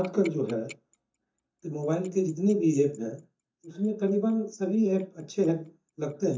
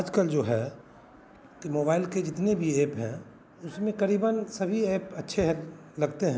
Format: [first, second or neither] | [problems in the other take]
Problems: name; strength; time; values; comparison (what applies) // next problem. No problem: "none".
second | noise reduction (neural mask model DeepFilterNet 3)